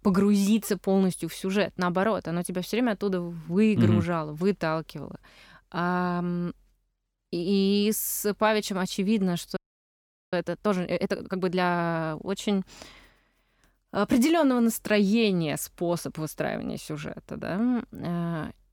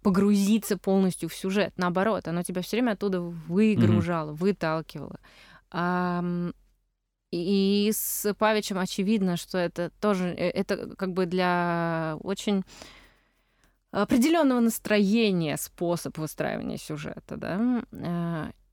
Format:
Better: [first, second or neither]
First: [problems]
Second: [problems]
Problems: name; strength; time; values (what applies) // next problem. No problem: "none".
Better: second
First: audio freezing; at 9.5 s for 1 s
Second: none